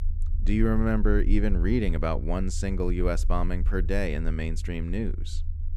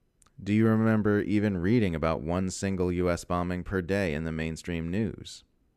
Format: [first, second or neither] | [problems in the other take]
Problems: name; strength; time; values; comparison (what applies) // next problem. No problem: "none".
second | low rumble; noticeable; throughout; 20 dB below the speech